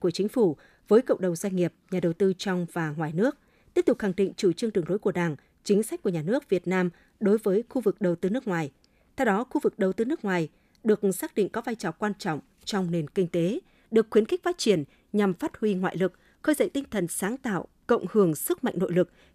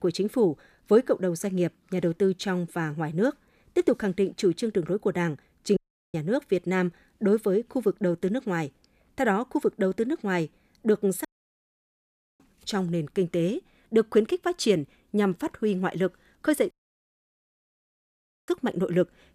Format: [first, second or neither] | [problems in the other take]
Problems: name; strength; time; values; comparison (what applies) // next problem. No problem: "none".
first | audio cutting out; at 6 s, at 11 s for 1 s and at 17 s for 2 s